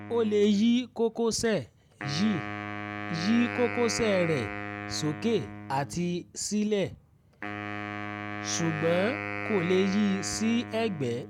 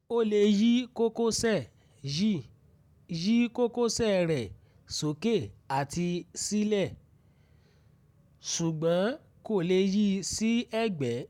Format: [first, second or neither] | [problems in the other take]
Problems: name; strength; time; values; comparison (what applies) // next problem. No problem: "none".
second | background sound (Wind instrument, woodwind instrument); 8 dB below the speech